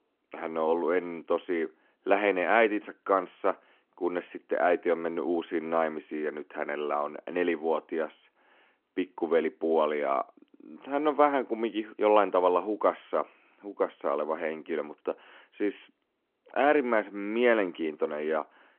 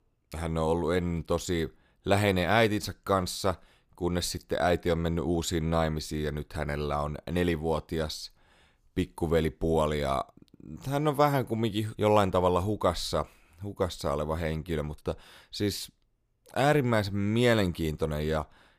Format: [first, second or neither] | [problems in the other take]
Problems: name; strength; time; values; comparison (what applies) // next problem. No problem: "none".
second | phone-call audio